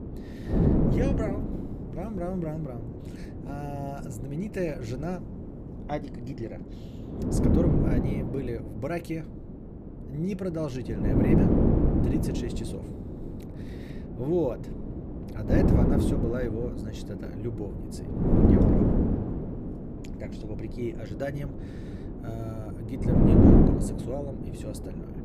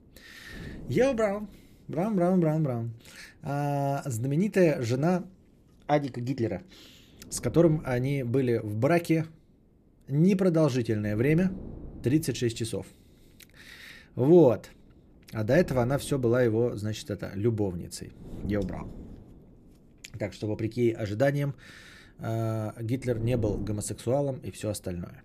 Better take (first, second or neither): second